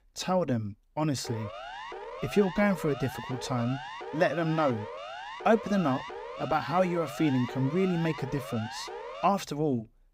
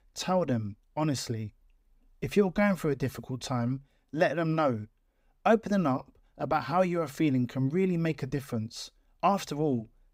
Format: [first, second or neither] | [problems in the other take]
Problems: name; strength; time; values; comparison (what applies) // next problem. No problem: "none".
second | siren; faint; from 1 to 9.5 s; peak 10 dB below the speech